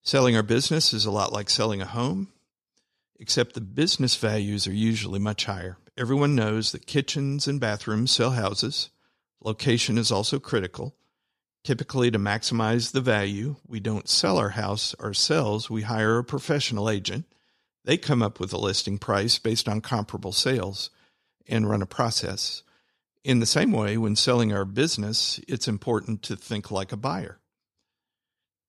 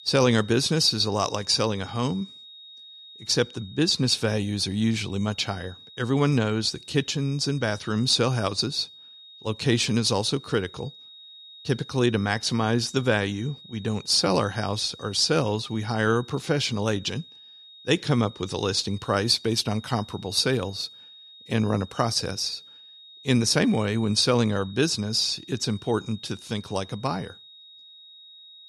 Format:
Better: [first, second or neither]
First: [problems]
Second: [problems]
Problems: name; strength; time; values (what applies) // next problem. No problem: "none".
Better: first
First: none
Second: high-pitched whine; noticeable; throughout; 3.5 kHz, 20 dB below the speech